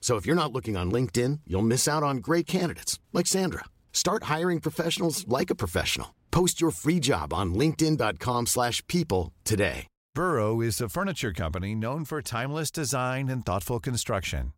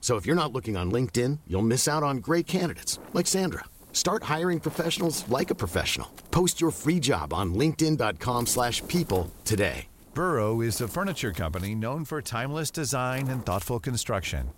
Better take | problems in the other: first | wind noise on the microphone; occasional gusts; 20 dB below the speech

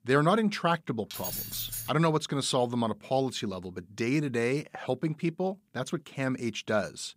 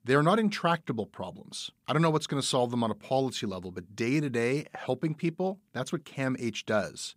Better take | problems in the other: second | jangling keys; noticeable; at 1 s; peak 3 dB below the speech

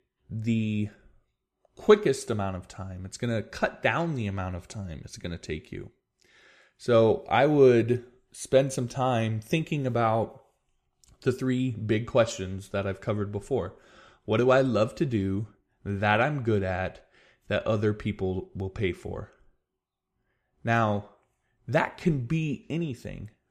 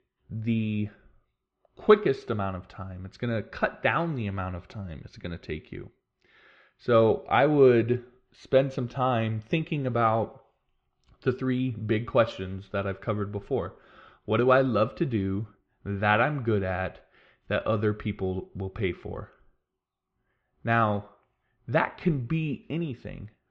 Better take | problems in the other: first | muffled; slightly; fading above 4 kHz

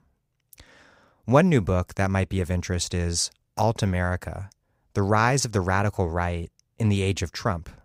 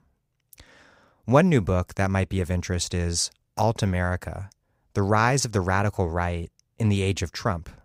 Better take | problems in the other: neither | none

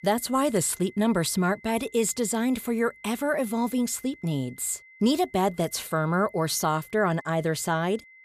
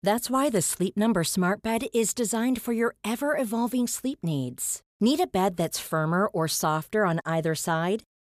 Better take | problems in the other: second | high-pitched whine; faint; throughout; 2 kHz, 25 dB below the speech

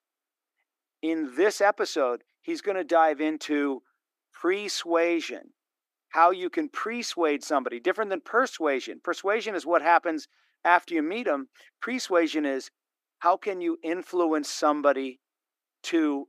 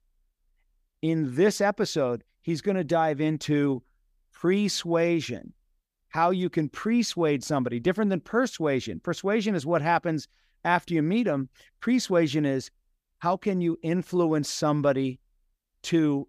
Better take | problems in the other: second | thin; somewhat; fading below 300 Hz

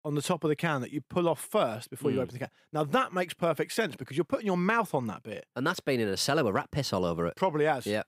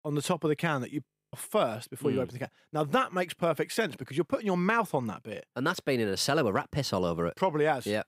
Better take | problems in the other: first | audio freezing; at 1 s

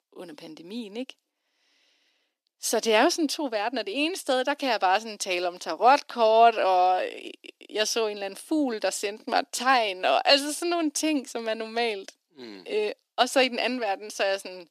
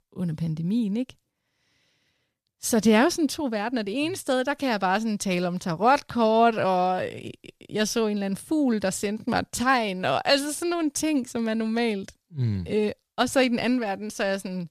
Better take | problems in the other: second | thin; somewhat; fading below 300 Hz

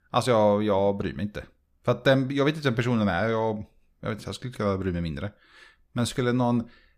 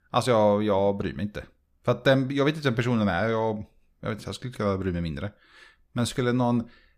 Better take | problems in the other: neither | none

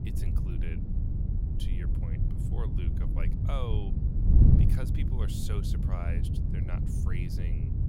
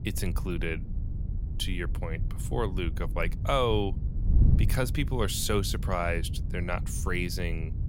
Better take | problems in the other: second | wind noise on the microphone; heavy; 2 dB above the speech; occasional gusts in the second

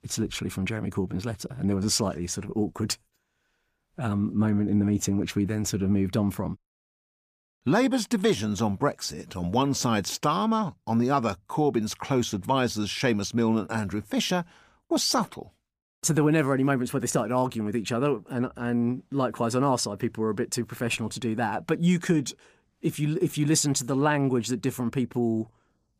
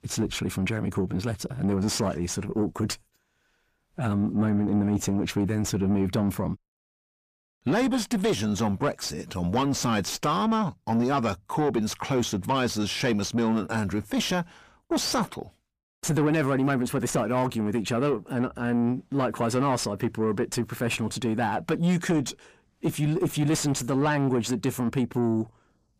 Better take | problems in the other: first | distortion; slight; 10 dB below the speech

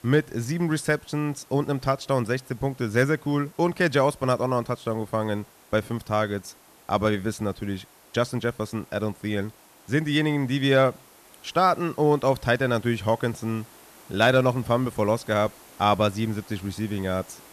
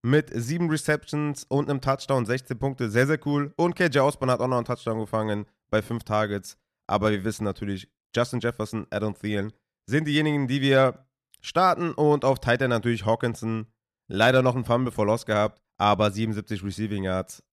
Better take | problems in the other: second | hiss; faint; throughout; 25 dB below the speech

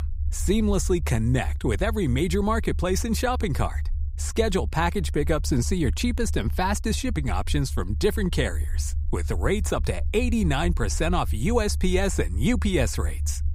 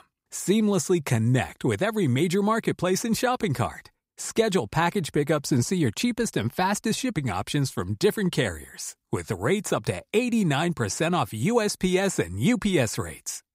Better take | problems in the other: second | low rumble; faint; throughout; 20 dB below the speech

